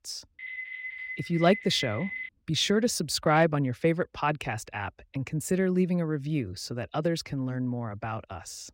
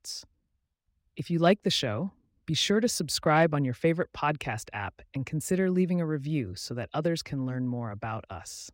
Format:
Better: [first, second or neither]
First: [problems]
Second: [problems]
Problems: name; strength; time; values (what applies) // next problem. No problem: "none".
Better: second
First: phone ringing; noticeable; until 2.5 s; peak 7 dB below the speech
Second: none